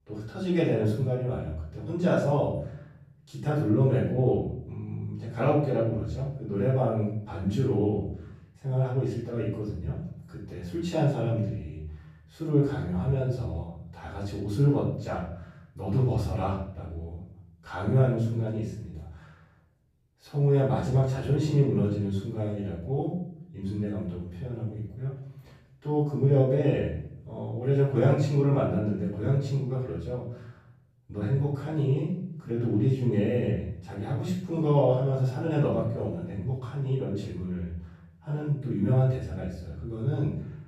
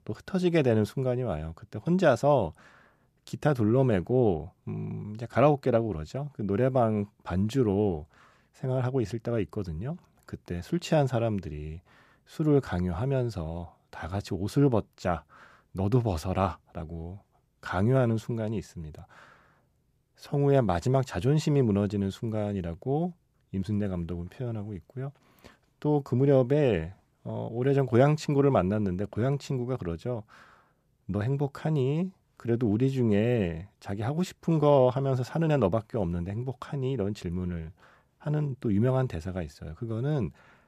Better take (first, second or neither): second